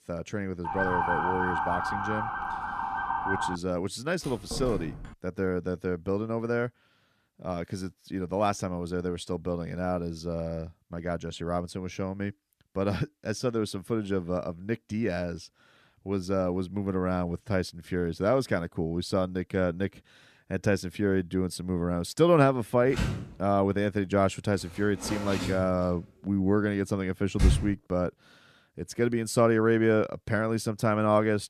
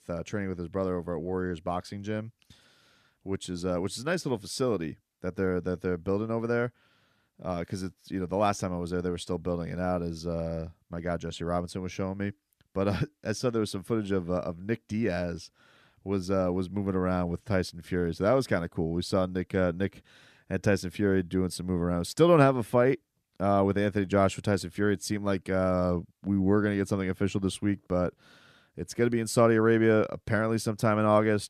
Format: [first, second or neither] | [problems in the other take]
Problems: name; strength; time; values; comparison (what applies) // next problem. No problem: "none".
second | siren; loud; from 0.5 to 3.5 s; peak 2 dB above the speech // door banging; noticeable; at 4 s; peak 8 dB below the speech // door banging; loud; from 23 to 28 s; peak 3 dB above the speech